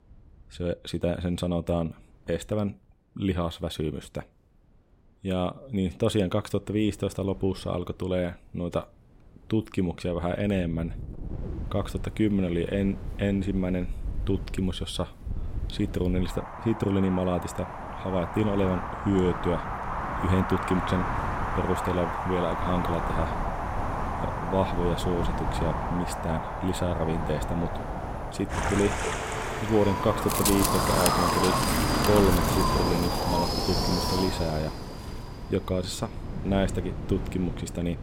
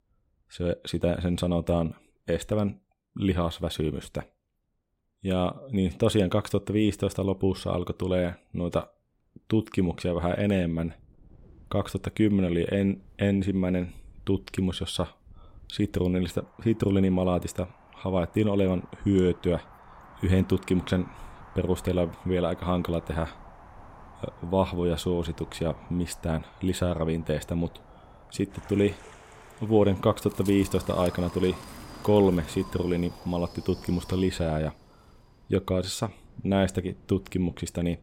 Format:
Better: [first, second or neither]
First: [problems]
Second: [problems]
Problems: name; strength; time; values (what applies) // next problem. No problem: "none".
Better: second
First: wind in the background; loud; throughout; 2 dB below the speech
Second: wind in the background; faint; throughout; 20 dB below the speech